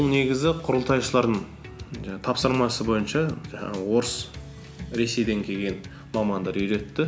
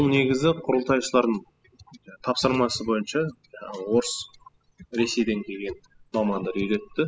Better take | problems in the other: first | noise reduction (classical method spectral subtraction)

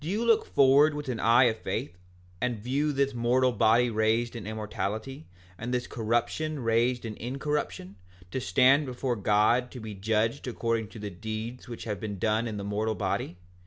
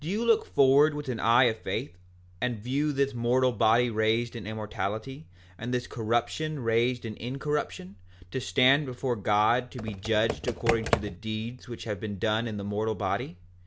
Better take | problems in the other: first | background sound (Computer keyboard); 4 dB below the speech

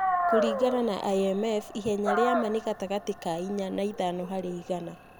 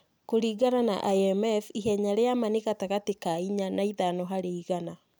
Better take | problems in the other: second | background sound (Dog); 3 dB below the speech

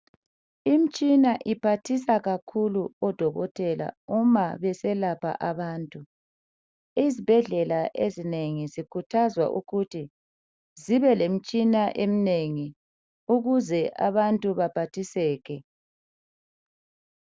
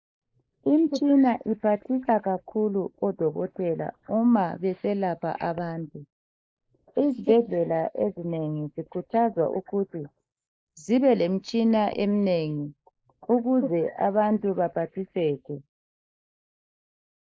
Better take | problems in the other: first | noise reduction (neural mask model Resemble Enhance denoiser)

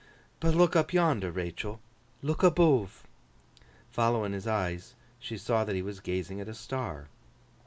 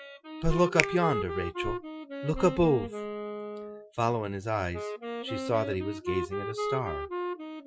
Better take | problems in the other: first | noise reduction (classical method Wiener filter)

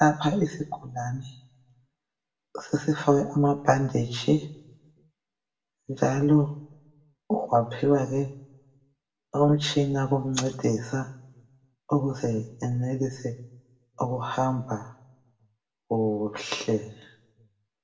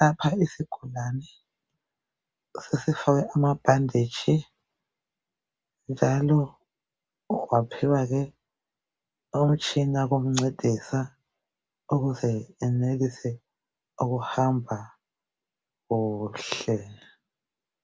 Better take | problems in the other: second | room echo; dies away in 0.6 s

